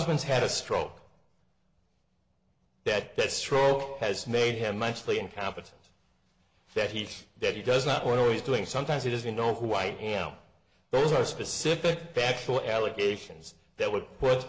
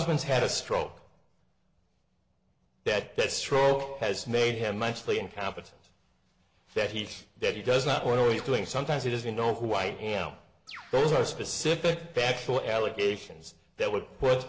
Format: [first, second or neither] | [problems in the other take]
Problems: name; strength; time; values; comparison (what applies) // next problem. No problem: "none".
first | background sound (Bird); 17 dB below the speech